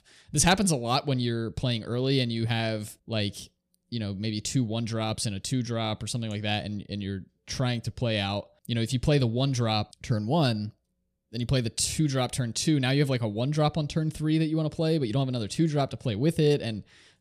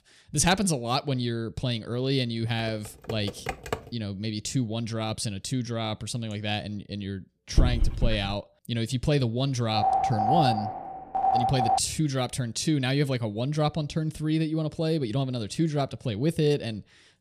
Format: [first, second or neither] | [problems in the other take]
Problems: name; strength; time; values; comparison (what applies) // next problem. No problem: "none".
first | keyboard typing; noticeable; from 2.5 to 4 s; peak 5 dB below the speech // dog barking; loud; at 7.5 s; peak 2 dB above the speech // phone ringing; loud; from 9.5 to 12 s; peak 4 dB above the speech